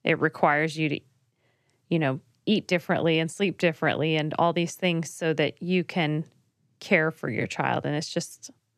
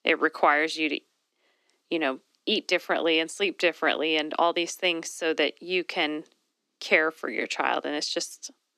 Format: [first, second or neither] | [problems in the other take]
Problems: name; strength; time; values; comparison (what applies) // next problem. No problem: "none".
first | thin; somewhat; fading below 250 Hz